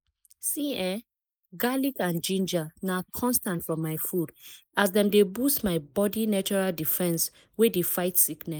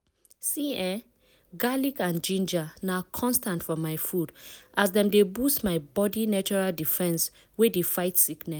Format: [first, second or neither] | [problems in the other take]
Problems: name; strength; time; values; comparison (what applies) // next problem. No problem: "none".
second | noise reduction (neural mask model Resemble Enhance denoiser)